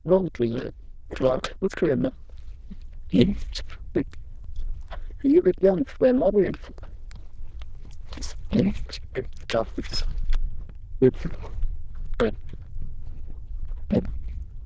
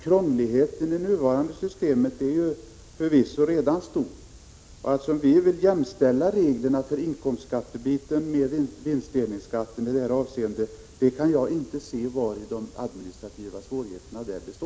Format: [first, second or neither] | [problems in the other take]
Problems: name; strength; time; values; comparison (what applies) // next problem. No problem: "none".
second | noise reduction (neural diffusion model UNIVERSE++)